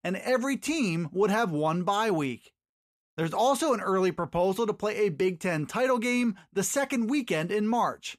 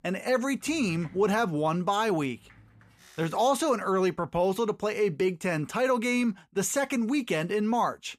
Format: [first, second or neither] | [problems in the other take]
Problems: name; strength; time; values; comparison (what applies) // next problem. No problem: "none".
first | household noises; faint; until 3.5 s; 25 dB below the speech